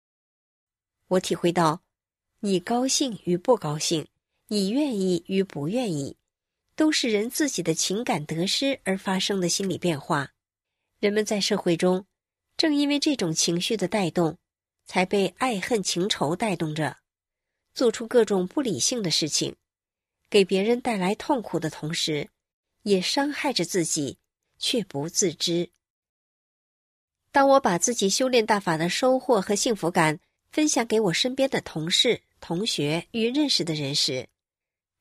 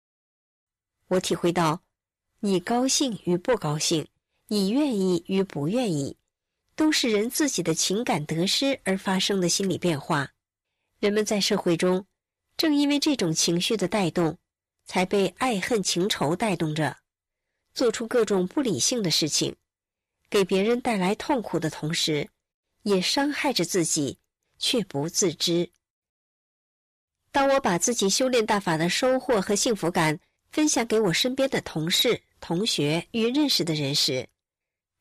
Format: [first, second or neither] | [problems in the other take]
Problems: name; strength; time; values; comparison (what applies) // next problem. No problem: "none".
first | distortion; slight; 10 dB below the speech